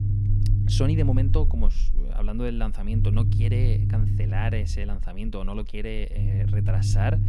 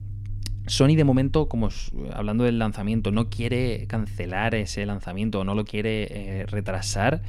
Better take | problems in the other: second | low rumble; loud; throughout; 2 dB below the speech; faint in the second

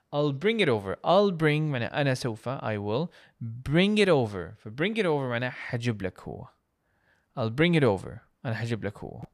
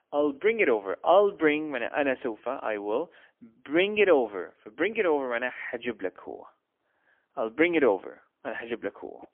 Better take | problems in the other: first | phone-call audio; poor line; nothing above 3.5 kHz

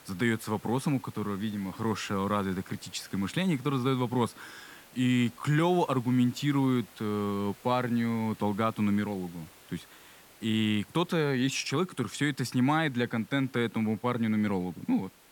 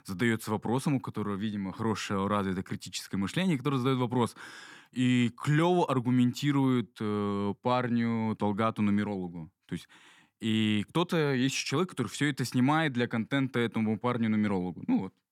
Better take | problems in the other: second | hiss; faint; throughout; 25 dB below the speech

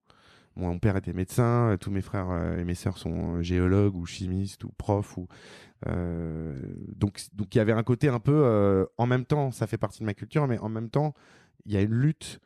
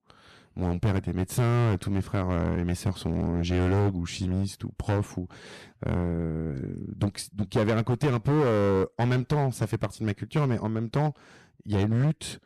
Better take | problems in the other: first | distortion; heavy; 10% of the sound clipped

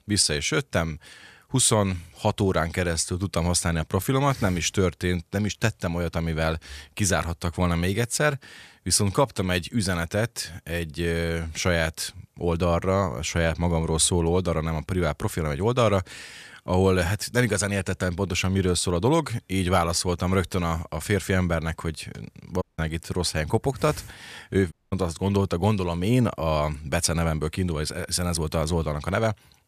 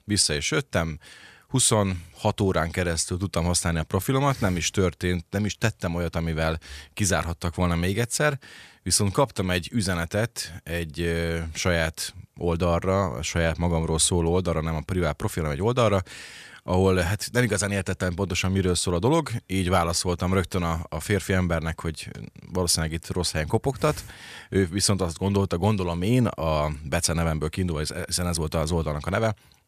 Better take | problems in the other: second | audio cutting out; at 23 s and at 25 s

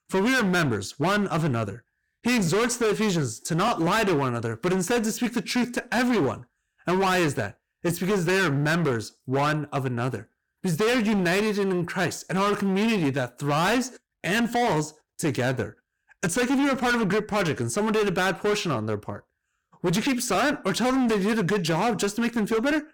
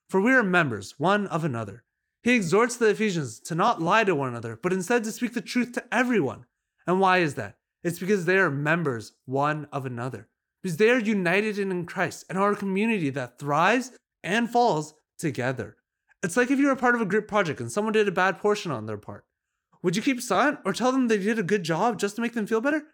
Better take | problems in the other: second | distortion; heavy; 23% of the sound clipped

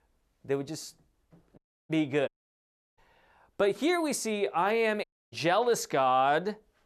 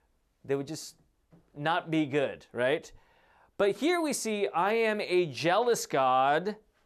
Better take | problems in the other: second | audio cutting out; at 1.5 s, at 2.5 s for 0.5 s and at 5 s

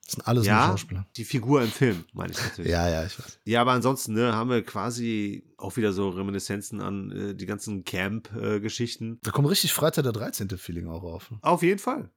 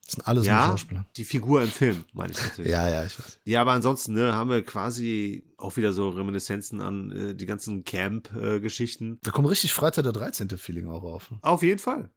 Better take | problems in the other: first | garbled, watery; slightly

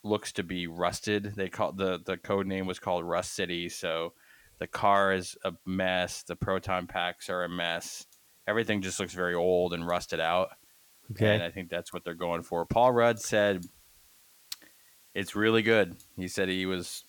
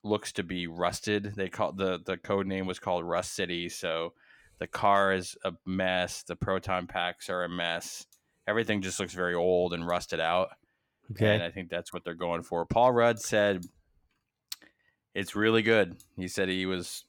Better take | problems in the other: second | hiss; faint; throughout; 30 dB below the speech

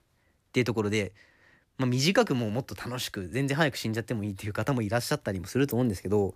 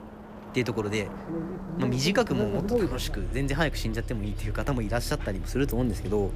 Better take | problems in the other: first | traffic noise; loud; throughout; 4 dB below the speech

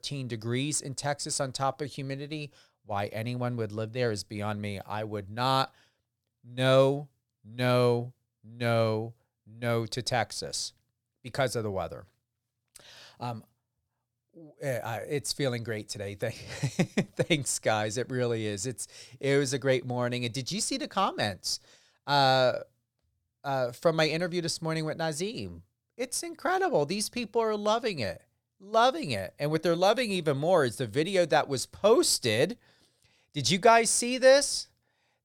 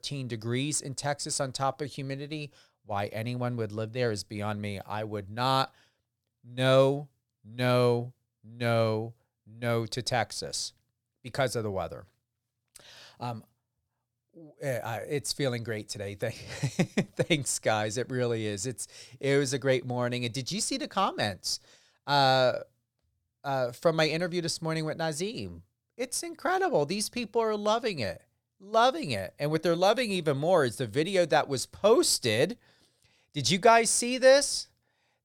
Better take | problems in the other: neither | none

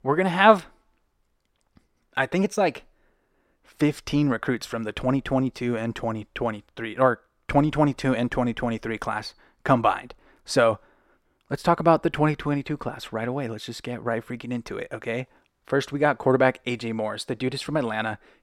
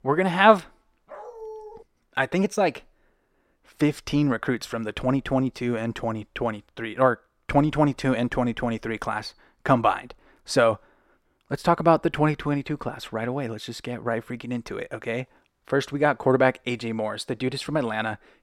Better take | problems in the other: first | dog barking; faint; at 1 s; peak 15 dB below the speech

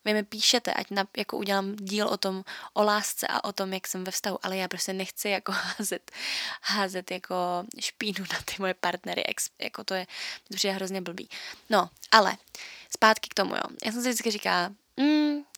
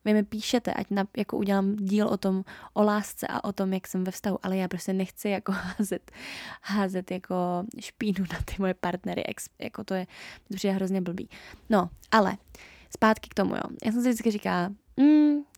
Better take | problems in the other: second | thin; somewhat; fading below 950 Hz

